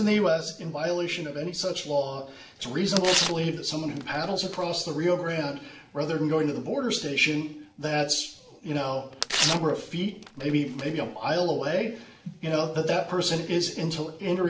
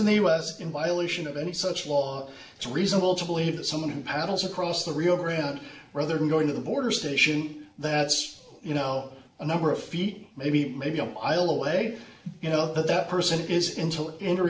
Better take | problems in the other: second | background sound (Tearing); 5 dB below the speech

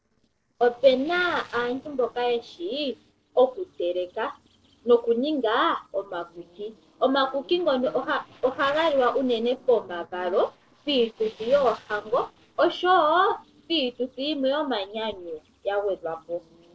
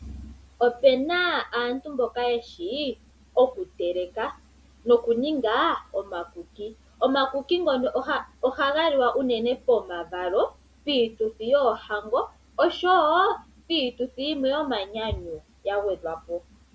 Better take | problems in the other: second | noise reduction (neural separator model SepFormer DNS4)

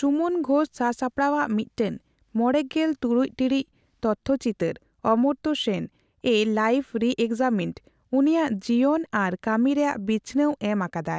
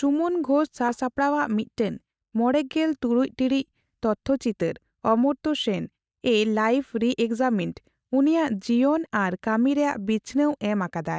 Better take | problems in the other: first | noise reduction (neural mask model DeepFilterNet 3)

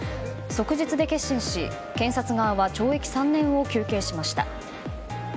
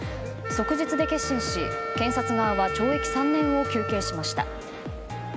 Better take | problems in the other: first | background sound (Wind instrument, woodwind instrument); 5 dB below the speech

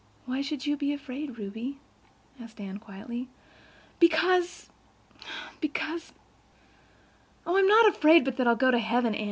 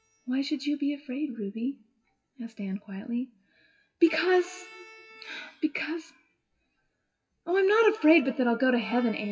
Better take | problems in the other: first | noise reduction (classical method WPE with log-MMSE)

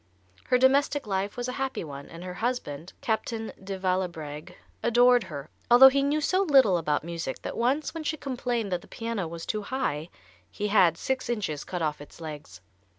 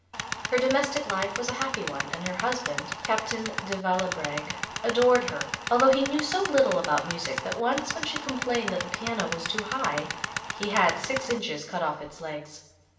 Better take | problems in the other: first | background sound (Tools); 6 dB below the speech // room echo; dies away in 0.8 s

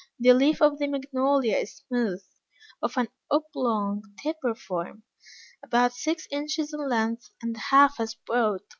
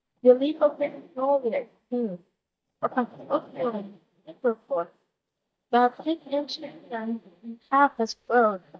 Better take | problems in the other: first | noise reduction (neural mask model DeepFilterNet 3)

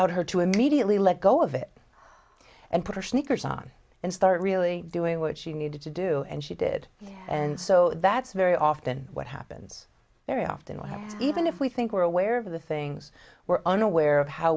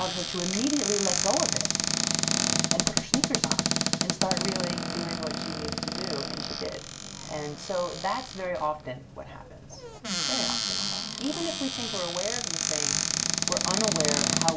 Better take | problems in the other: first | background sound (Cupboard open or close); 4 dB above the speech // room echo; dies away in 0.3 s

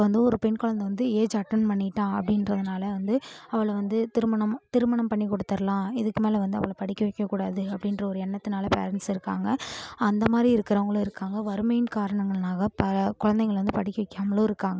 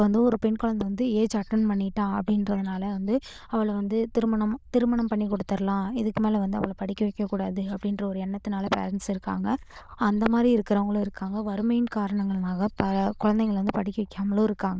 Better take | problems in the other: first | noise reduction (neural diffusion model UNIVERSE++)

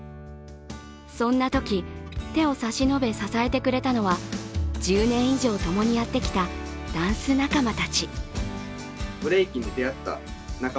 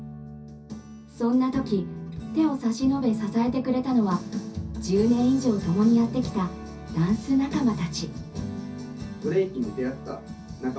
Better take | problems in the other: first | room echo; dies away in 0.3 s

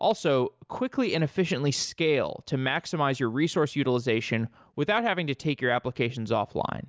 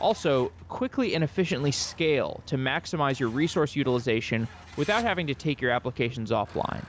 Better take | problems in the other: first | background sound (Truck); 20 dB below the speech

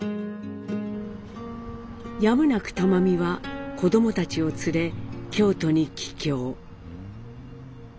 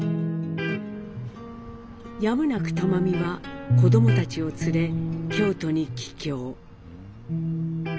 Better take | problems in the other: first | background sound (Electric guitar); 2 dB above the speech

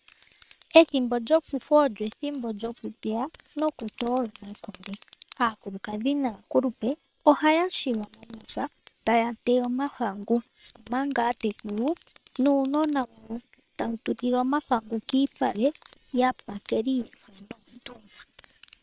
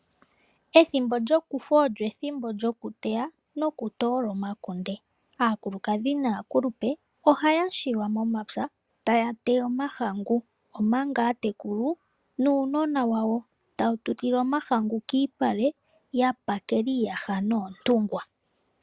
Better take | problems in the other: second | noise reduction (neural separator model SepFormer WHAM!)

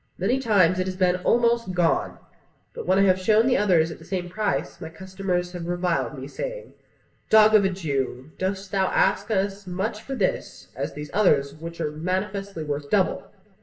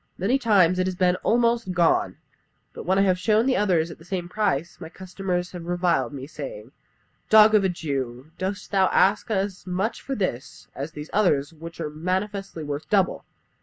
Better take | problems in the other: second | room echo; dies away in 0.6 s

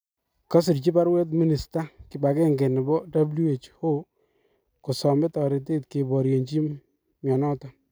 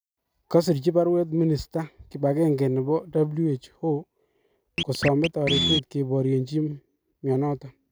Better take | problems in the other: first | background sound (Scratching (performance technique)); 5 dB below the speech

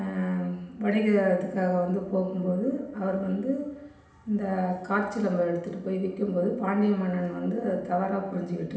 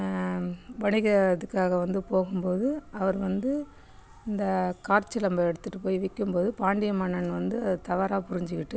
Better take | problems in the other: second | room echo; dies away in 0.8 s

